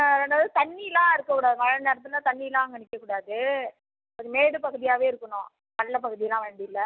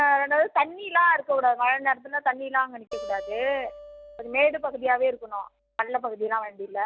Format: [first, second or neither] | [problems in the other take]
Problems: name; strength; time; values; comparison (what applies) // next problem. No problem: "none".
first | background sound (Acoustic guitar); 17 dB below the speech